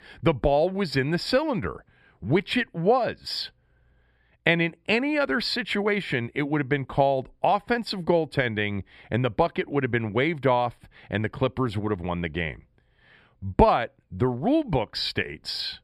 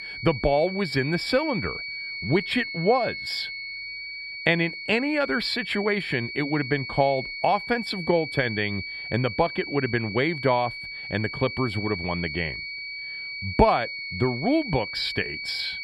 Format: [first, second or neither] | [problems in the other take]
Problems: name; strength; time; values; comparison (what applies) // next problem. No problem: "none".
first | high-pitched whine; loud; throughout; 2.5 kHz, 7 dB below the speech